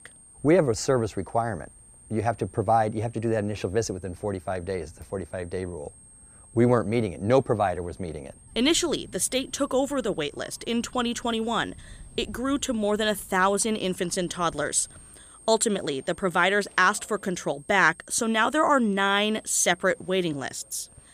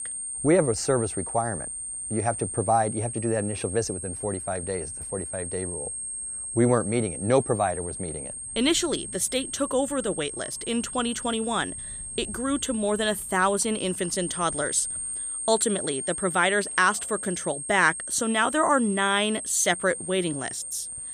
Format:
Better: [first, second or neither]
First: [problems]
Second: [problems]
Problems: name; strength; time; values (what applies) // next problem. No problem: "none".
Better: first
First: high-pitched whine; faint; throughout; 8.5 kHz, 25 dB below the speech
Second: high-pitched whine; loud; throughout; 8.5 kHz, 6 dB below the speech